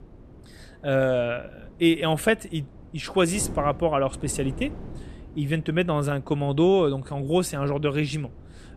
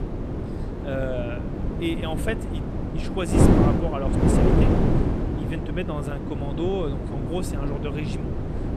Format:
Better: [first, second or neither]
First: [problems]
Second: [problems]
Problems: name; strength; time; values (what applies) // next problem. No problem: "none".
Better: first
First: wind noise on the microphone; occasional gusts; 25 dB below the speech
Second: wind noise on the microphone; heavy; 2 dB above the speech